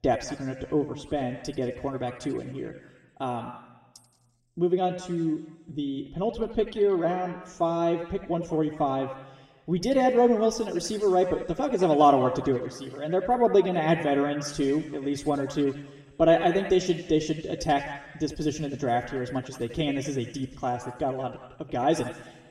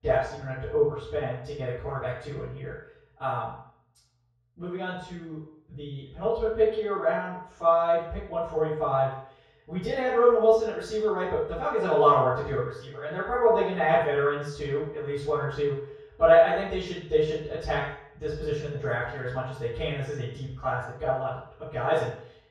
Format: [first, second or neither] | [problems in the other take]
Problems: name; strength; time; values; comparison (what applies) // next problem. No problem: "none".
first | room echo; strong; dies away in 0.7 s; slight in the first // off-mic speech; far; somewhat distant in the first